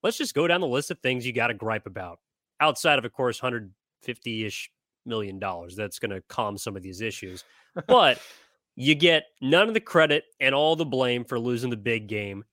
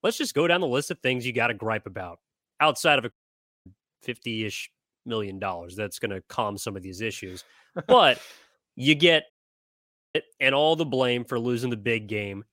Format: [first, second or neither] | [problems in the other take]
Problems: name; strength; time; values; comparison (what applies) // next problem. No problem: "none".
first | audio cutting out; at 3 s for 0.5 s and at 9.5 s for 1 s